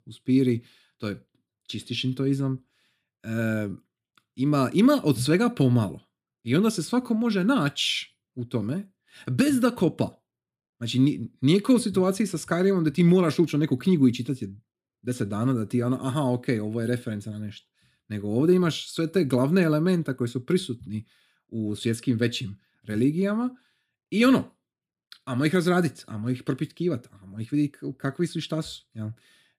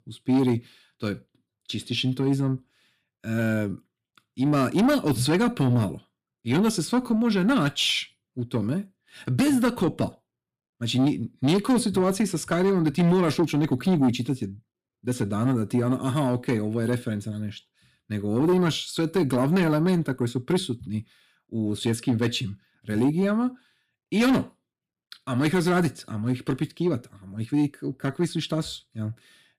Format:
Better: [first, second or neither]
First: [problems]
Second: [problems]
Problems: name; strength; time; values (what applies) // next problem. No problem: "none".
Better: first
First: none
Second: distortion; slight; 10 dB below the speech